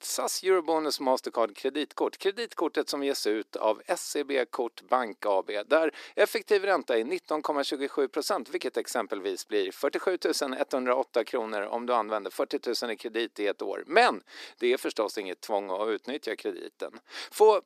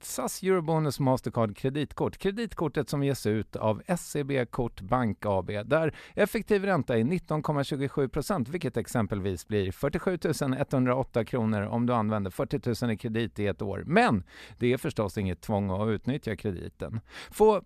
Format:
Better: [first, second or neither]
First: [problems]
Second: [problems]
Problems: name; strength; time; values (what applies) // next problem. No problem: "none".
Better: second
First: thin; somewhat; fading below 300 Hz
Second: none